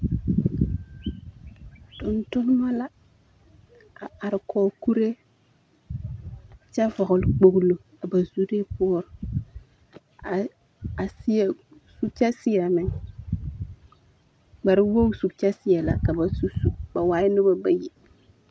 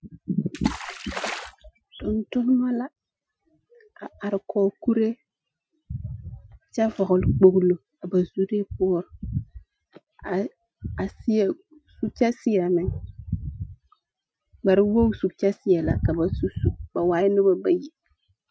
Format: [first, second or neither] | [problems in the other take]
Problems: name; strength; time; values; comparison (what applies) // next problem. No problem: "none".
first | noise reduction (classical method Wiener filter)